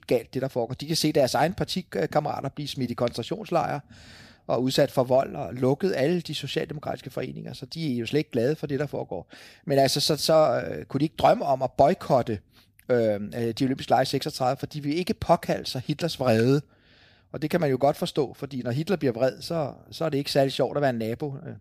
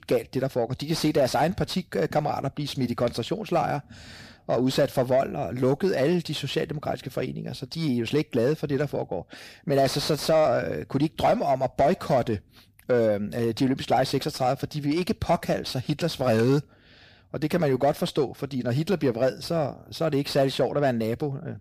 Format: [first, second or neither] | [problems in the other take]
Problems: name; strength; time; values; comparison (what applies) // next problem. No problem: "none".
first | distortion; slight; 10 dB below the speech